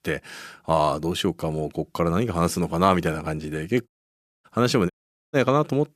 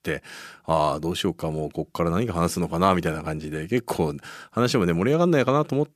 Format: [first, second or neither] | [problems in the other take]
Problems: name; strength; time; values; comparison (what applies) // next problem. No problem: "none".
second | audio cutting out; at 4 s for 0.5 s and at 5 s